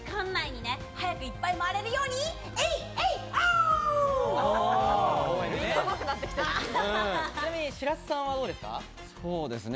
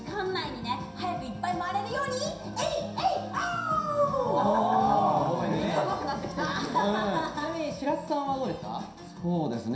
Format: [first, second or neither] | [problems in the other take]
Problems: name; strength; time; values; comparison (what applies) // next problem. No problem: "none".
first | room echo; dies away in 0.7 s